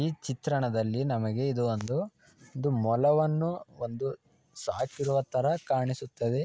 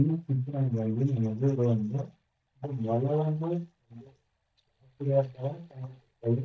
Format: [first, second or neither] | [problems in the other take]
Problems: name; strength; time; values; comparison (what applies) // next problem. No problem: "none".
first | noise reduction (neural mask model DeepFilterNet 3)